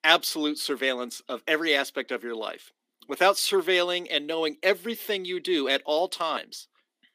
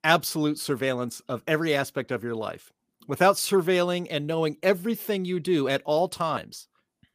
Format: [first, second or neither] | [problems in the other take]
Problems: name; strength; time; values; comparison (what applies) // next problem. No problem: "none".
second | thin; very slightly; fading below 250 Hz